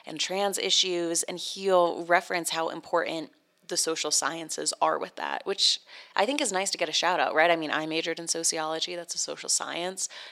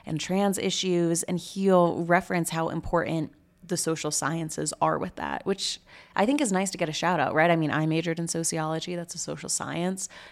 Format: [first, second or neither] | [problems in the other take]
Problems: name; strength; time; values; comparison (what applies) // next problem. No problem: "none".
second | thin; somewhat; fading below 450 Hz